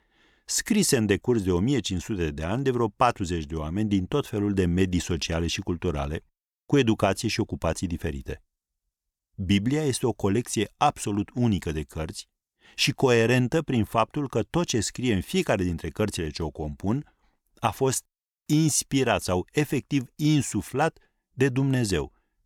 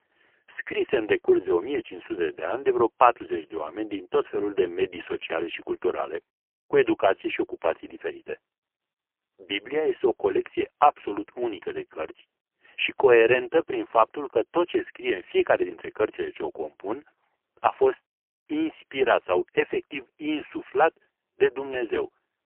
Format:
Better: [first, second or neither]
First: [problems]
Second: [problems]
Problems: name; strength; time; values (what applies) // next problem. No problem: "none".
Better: first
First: none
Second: phone-call audio; poor line; nothing above 3 kHz